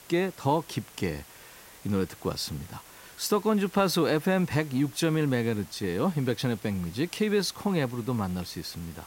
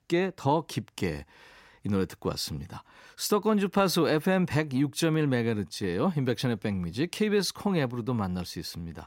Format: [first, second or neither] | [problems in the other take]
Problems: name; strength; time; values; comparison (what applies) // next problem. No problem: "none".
second | hiss; faint; throughout; 20 dB below the speech